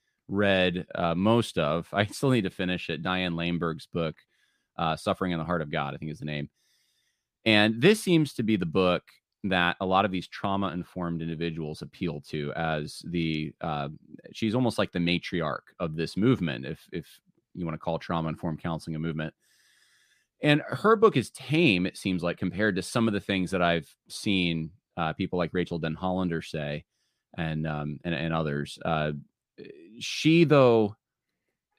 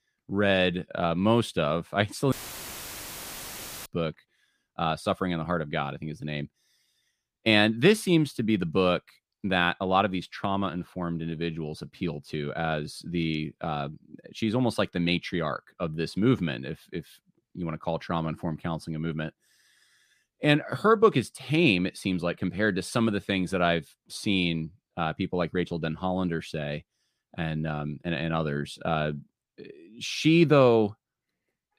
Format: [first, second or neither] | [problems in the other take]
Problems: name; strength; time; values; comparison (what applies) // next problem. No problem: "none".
first | audio cutting out; filled with static; at 2.5 s for 1.5 s